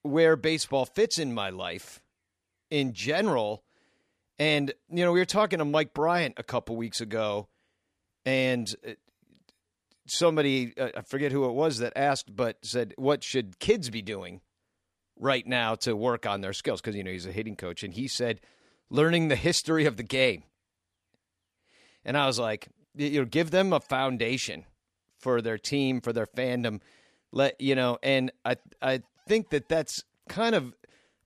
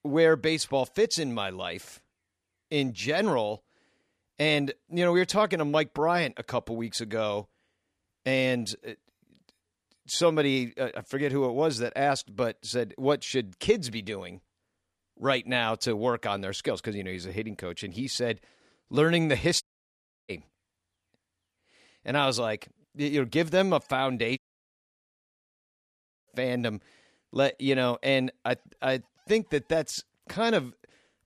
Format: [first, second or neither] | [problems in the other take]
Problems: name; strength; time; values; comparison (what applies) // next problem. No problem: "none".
first | audio cutting out; at 20 s for 0.5 s and at 24 s for 2 s